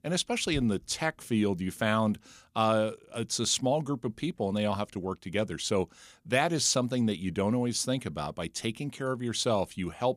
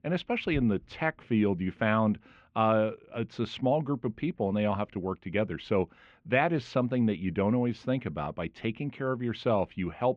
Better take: first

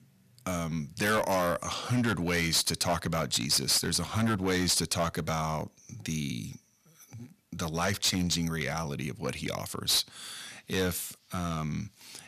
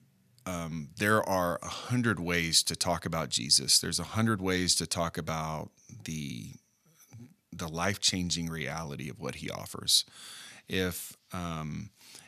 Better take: second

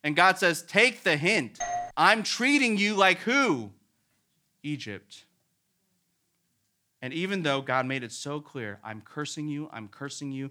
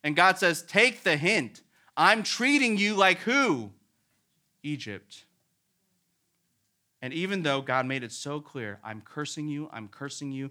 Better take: second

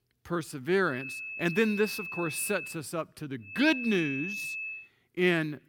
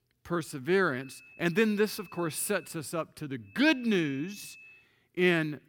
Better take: second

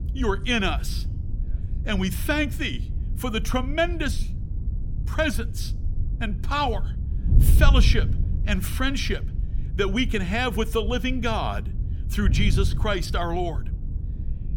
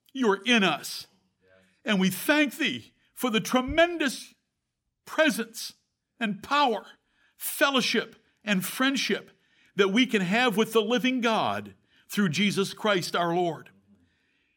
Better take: second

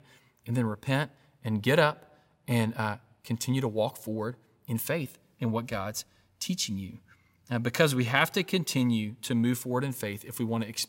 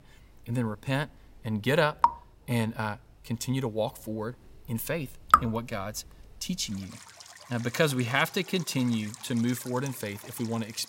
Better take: first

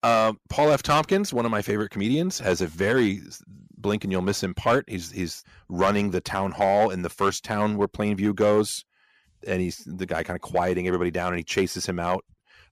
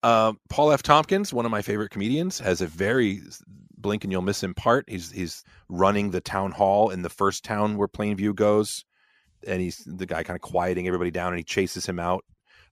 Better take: second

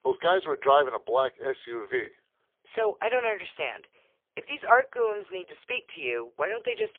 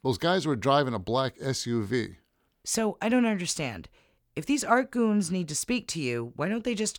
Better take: second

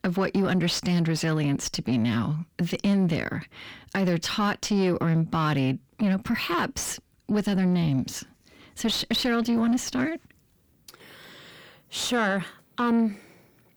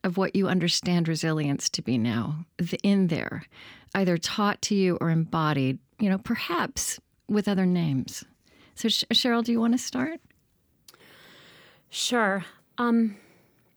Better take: second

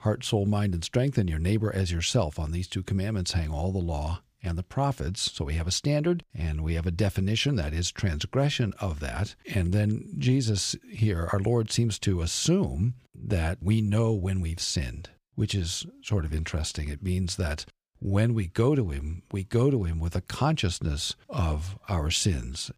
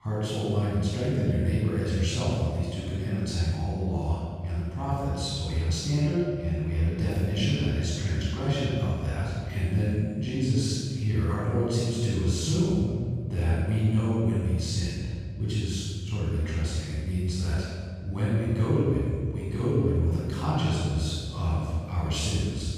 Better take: first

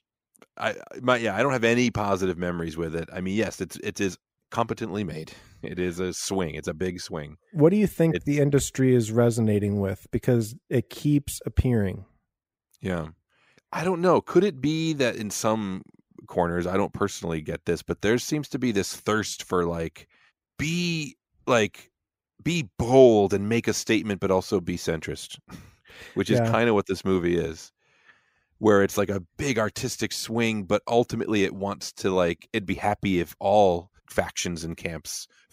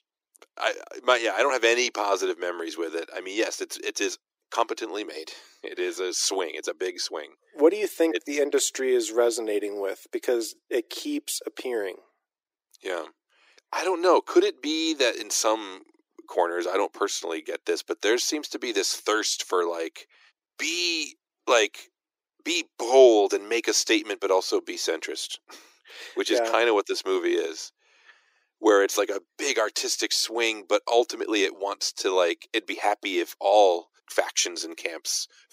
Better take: first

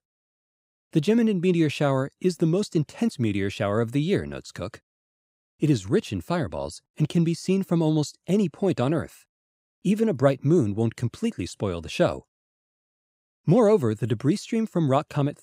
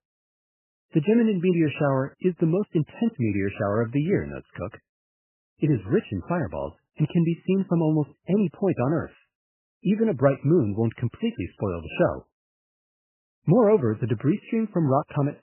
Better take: first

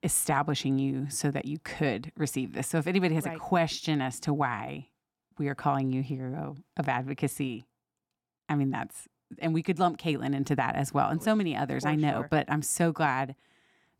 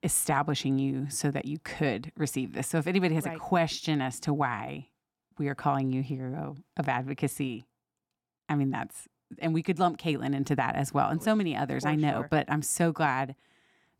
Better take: neither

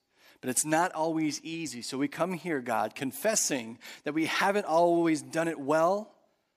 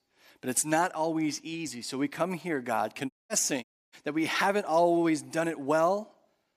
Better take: first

